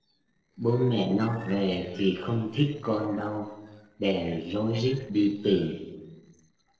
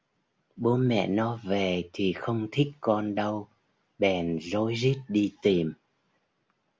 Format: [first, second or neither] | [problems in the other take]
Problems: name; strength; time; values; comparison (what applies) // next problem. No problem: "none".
second | noise reduction (neural separator model SepFormer DNS4)